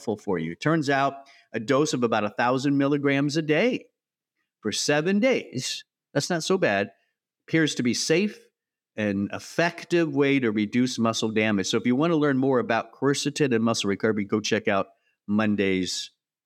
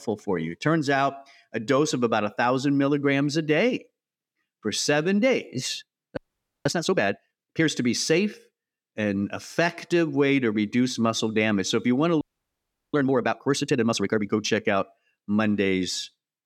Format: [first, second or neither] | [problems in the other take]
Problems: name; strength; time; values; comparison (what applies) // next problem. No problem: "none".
first | audio freezing; at 6 s and at 12 s for 0.5 s